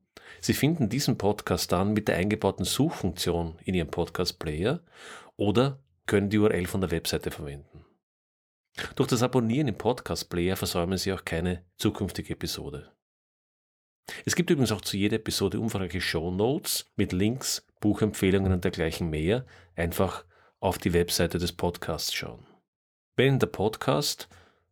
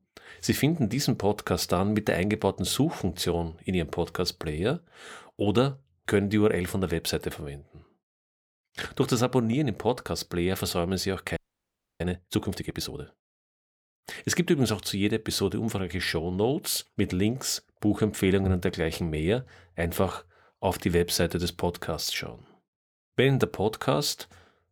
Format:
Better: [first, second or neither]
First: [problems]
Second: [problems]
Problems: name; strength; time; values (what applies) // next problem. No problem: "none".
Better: first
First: none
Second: audio freezing; at 11 s for 0.5 s